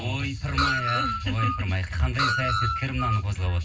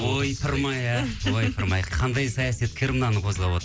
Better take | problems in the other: second | background sound (Screech); 2 dB below the speech // room echo; dies away in 0.4 s

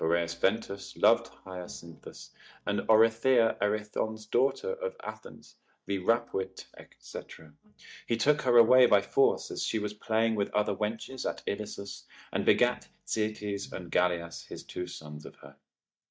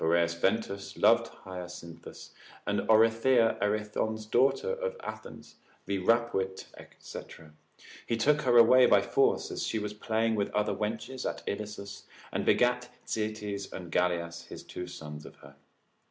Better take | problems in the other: second | noise reduction (neural mask model DeepFilterNet 3)

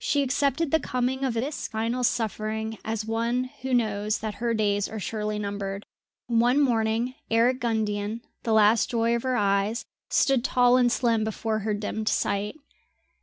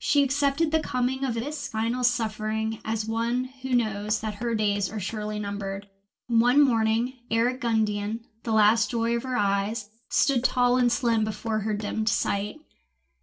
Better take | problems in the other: first | noise reduction (neural separator model SepFormer DNS4)

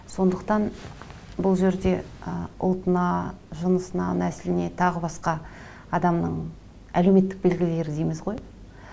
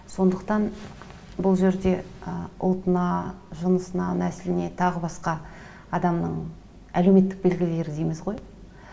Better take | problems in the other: first | room echo; dies away in 0.8 s

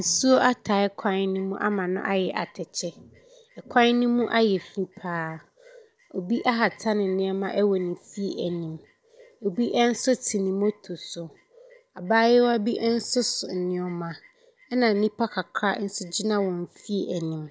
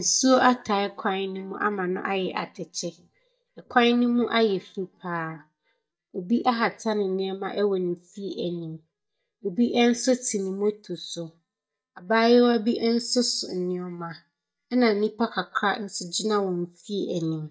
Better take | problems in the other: first | noise reduction (neural mask model DeepFilterNet 3)

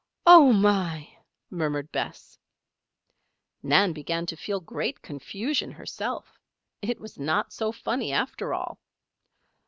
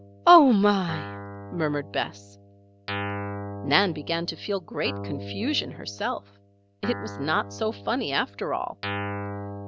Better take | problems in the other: first | background sound (Guitar); 10 dB below the speech

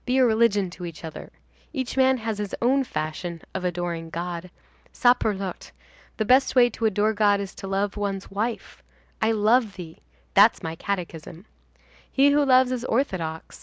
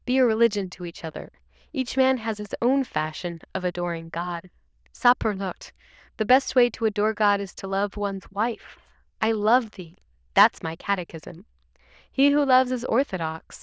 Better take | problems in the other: first | noise reduction (neural diffusion model UNIVERSE++)

